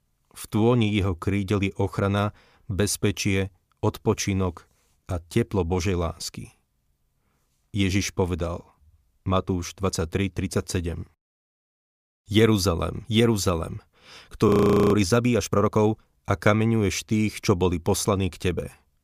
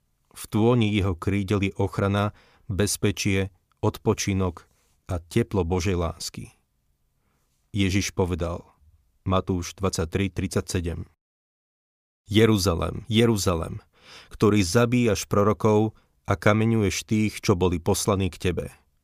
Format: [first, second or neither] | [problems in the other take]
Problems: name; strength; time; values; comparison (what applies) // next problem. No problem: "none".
second | audio freezing; at 14 s